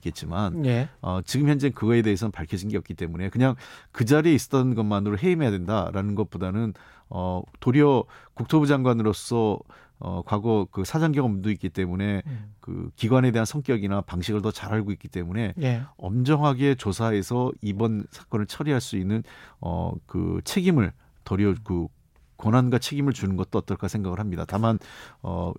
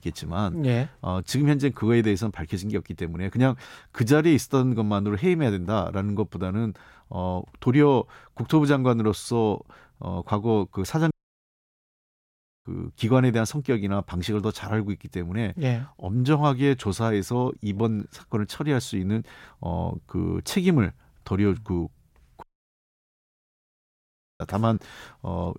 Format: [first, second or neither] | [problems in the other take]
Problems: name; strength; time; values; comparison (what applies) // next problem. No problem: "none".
first | audio cutting out; at 11 s for 1.5 s and at 22 s for 2 s